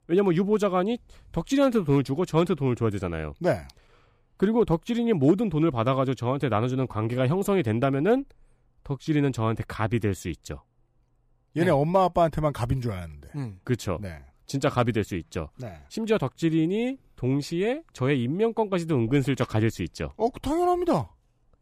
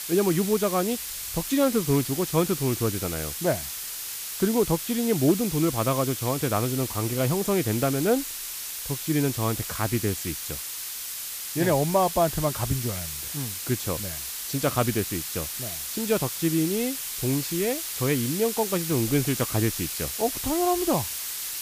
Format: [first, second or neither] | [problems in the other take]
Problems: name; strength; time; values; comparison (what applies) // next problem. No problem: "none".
first | hiss; loud; throughout; 4 dB below the speech